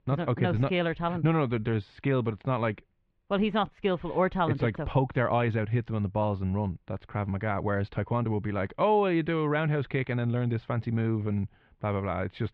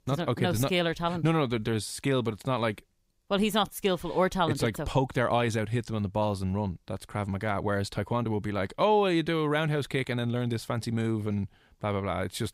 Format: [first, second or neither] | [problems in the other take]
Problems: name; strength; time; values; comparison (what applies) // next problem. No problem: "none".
second | muffled; very; fading above 3 kHz